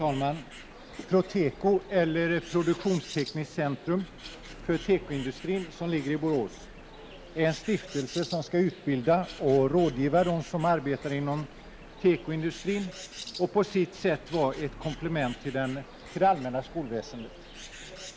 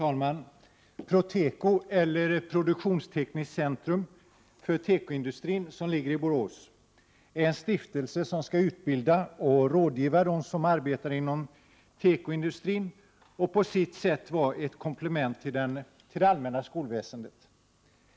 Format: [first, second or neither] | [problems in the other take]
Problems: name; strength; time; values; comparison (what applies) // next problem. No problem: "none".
second | background sound (Bird); 16 dB below the speech